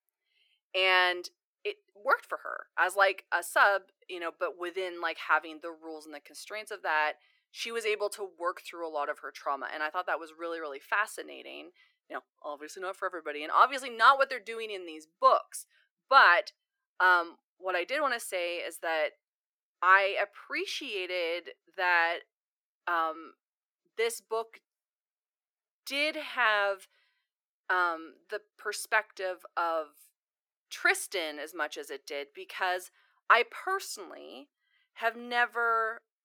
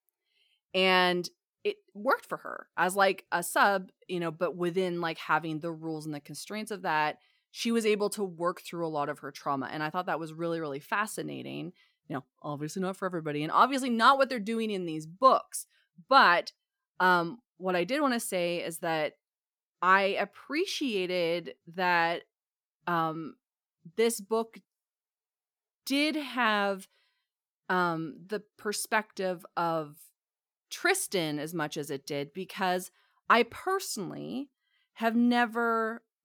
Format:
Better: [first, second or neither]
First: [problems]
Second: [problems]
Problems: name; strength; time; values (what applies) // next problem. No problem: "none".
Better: second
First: thin; very; fading below 350 Hz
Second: none